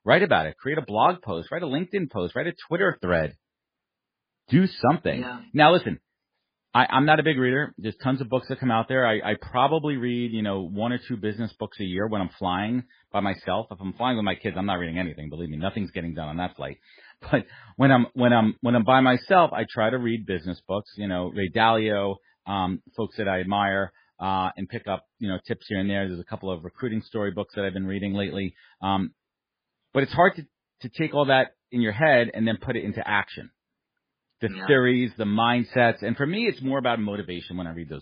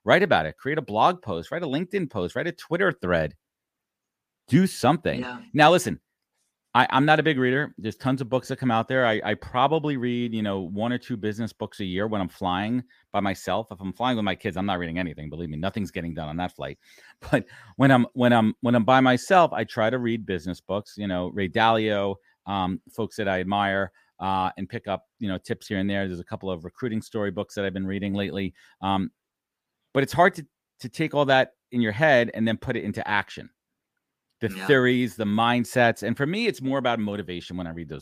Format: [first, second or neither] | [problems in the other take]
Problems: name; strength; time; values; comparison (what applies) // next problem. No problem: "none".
second | garbled, watery; badly